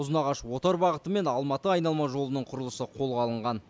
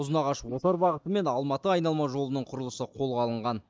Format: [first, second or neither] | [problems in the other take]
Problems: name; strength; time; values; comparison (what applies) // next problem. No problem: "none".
first | noise reduction (neural mask model DeepFilterNet 3)